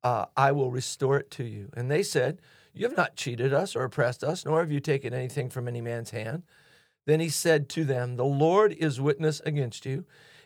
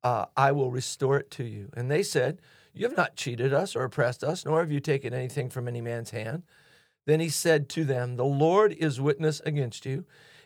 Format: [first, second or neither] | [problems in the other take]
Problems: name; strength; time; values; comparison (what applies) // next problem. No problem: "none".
neither | none